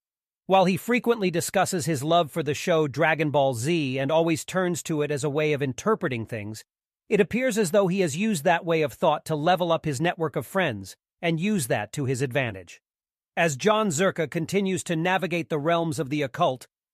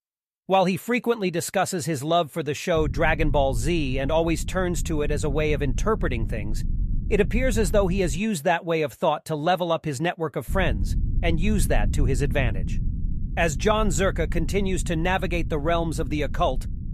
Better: first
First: none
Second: low rumble; noticeable; from 3 to 8 s and from 10 s on; 20 dB below the speech

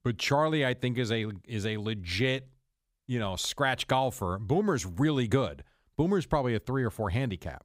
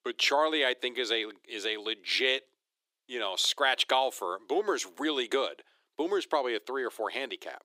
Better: first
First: none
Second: thin; very; fading below 350 Hz

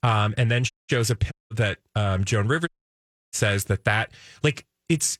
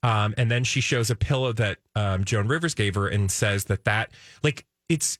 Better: second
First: audio cutting out; at 0.5 s, at 1.5 s and at 2.5 s for 0.5 s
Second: none

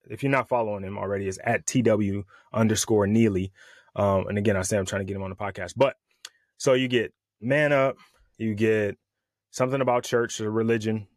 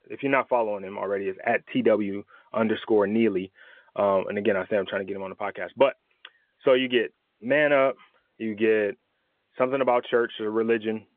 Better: first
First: none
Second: phone-call audio

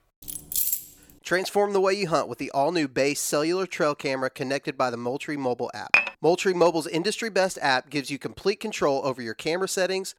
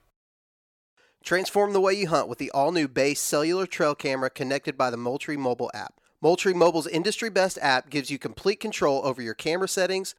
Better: second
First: jangling keys; loud; at 0.5 s; peak 2 dB above the speech // clattering dishes; loud; at 6 s; peak 5 dB above the speech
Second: none

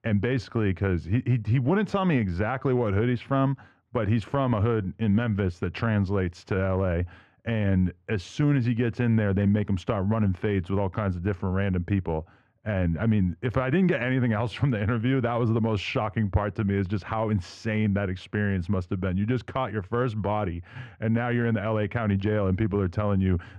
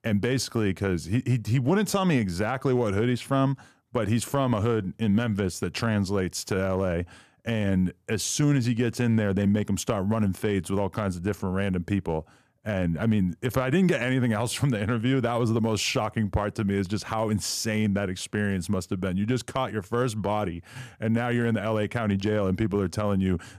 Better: second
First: muffled; very; fading above 2 kHz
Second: none

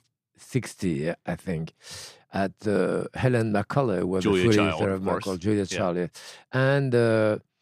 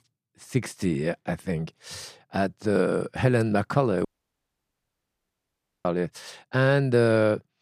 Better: first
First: none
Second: audio cutting out; at 4 s for 2 s

